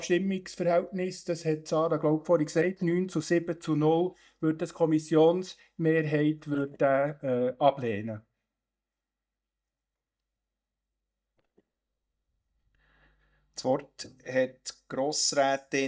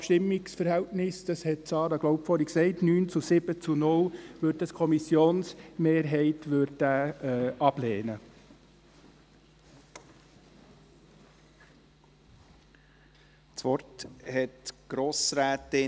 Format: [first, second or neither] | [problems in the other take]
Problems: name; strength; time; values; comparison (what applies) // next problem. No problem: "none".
second | noise reduction (neural mask model DeepFilterNet 3)